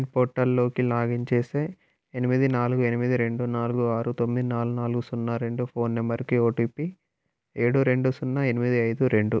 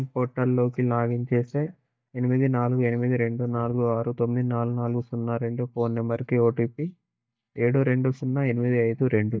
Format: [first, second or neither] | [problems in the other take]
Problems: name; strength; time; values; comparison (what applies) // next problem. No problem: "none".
first | noise reduction (neural mask model DeepFilterNet 3)